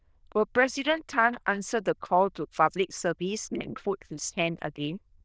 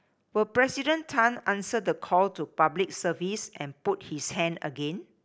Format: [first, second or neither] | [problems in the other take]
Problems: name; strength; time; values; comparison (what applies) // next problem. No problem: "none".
second | noise reduction (neural diffusion model UNIVERSE++)